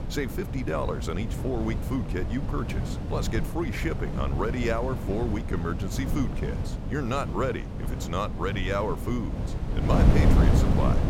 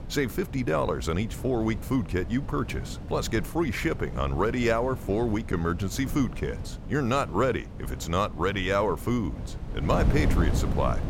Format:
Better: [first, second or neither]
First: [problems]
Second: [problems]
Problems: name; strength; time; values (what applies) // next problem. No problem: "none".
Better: second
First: wind noise on the microphone; heavy; 5 dB below the speech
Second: wind noise on the microphone; occasional gusts; 15 dB below the speech